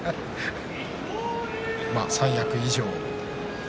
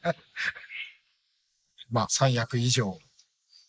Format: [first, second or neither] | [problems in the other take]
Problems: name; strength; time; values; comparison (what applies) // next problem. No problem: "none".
first | noise reduction (neural mask model Resemble Enhance denoiser)